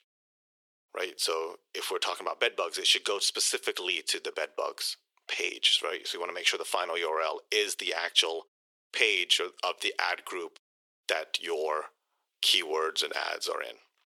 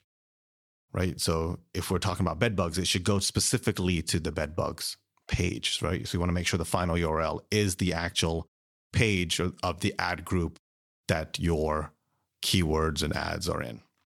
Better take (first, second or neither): second